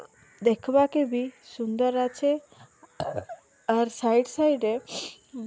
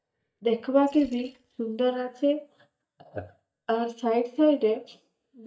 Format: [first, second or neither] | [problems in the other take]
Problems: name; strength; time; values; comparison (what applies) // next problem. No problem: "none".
first | noise reduction (neural mask model DeepFilterNet 3)